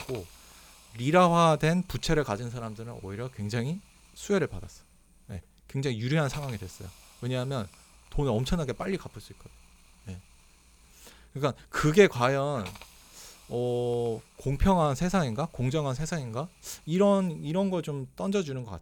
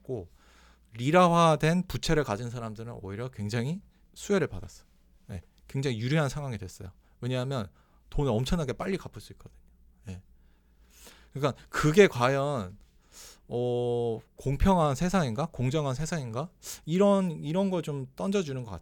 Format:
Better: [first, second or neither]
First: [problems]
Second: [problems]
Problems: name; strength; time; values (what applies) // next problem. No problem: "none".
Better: second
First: hiss; faint; throughout; 25 dB below the speech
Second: none